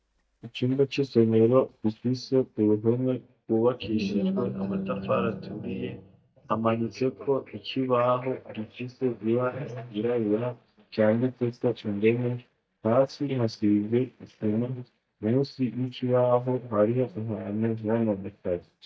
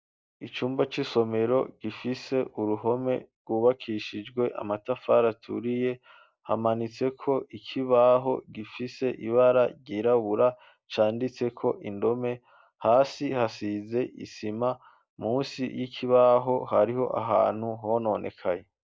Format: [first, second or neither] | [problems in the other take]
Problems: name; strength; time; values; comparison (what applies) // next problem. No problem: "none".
second | noise reduction (neural mask model DeepFilterNet 3)